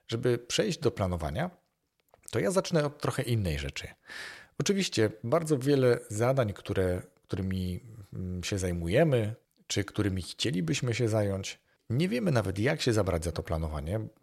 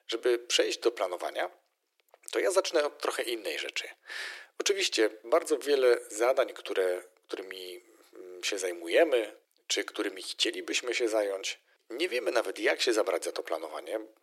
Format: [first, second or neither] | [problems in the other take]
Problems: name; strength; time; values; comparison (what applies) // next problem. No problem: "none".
first | thin; very; fading below 350 Hz